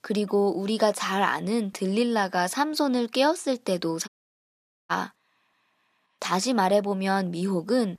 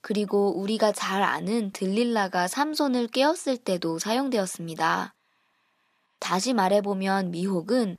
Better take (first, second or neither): second